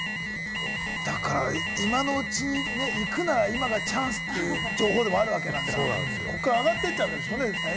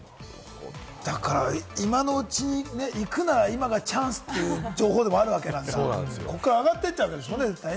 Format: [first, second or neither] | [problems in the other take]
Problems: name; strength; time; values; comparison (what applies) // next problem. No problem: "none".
second | background sound (Alarm); 2 dB below the speech